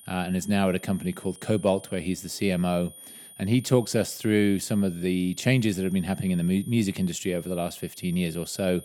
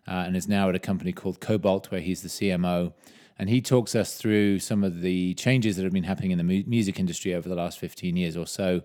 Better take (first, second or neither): second